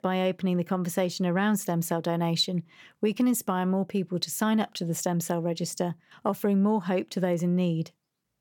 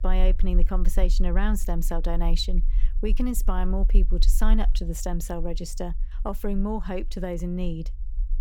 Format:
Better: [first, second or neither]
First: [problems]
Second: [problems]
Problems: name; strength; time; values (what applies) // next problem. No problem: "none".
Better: first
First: none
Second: low rumble; faint; throughout; 20 dB below the speech